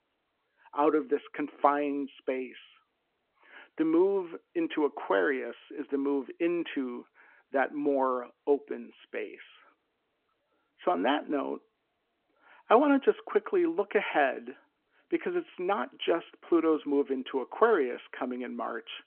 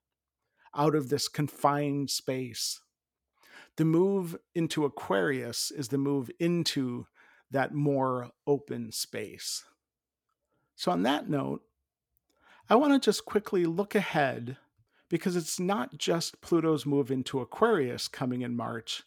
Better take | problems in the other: second | phone-call audio

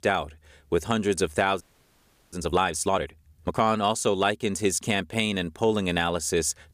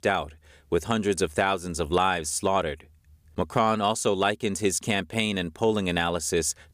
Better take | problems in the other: second | audio freezing; at 1.5 s for 0.5 s

